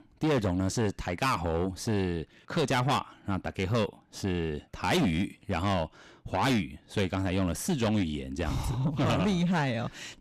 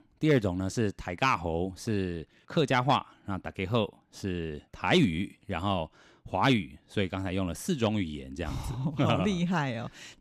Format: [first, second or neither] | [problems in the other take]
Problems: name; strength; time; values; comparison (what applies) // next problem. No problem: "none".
second | distortion; heavy; 7 dB below the speech